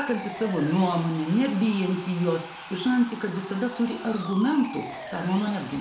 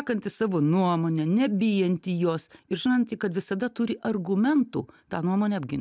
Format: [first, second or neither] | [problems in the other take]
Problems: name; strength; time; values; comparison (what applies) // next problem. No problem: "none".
second | background sound (Sawing); 14 dB below the speech // room echo; dies away in 0.6 s